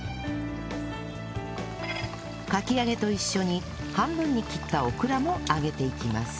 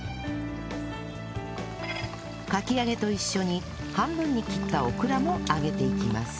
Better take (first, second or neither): first